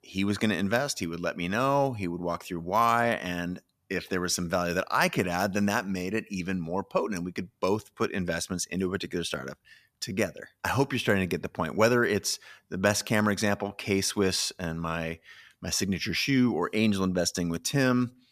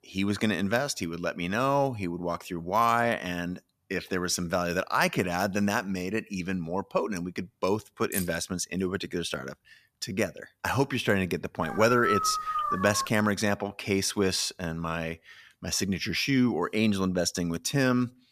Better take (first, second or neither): first